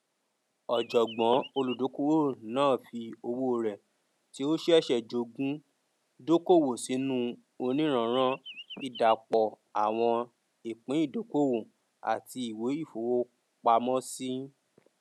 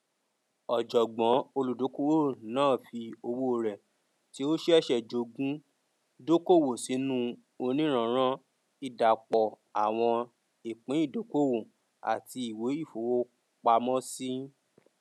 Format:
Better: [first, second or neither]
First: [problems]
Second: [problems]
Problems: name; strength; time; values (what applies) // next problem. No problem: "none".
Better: second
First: background sound (Chirp, tweet); 15 dB below the speech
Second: none